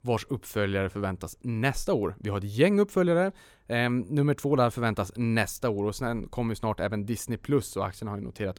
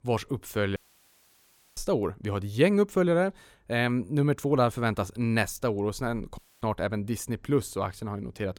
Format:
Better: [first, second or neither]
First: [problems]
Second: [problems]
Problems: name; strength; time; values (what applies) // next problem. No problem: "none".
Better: first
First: none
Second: audio cutting out; at 1 s for 1 s and at 6.5 s